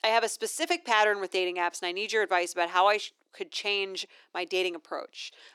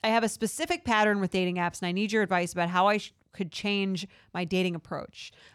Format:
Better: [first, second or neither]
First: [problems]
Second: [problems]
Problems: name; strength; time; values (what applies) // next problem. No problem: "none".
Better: second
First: thin; very; fading below 300 Hz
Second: none